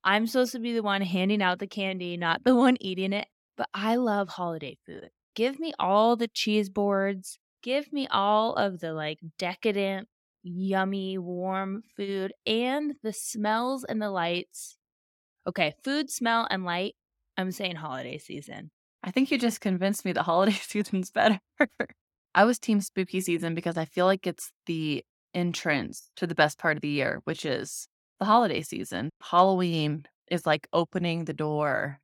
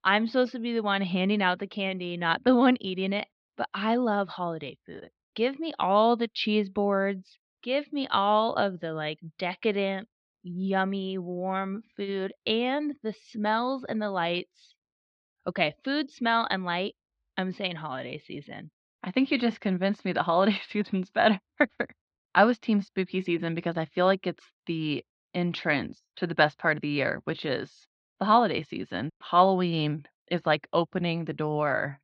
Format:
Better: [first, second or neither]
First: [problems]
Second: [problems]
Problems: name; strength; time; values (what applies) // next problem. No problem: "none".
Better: first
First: none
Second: muffled; very slightly; fading above 4 kHz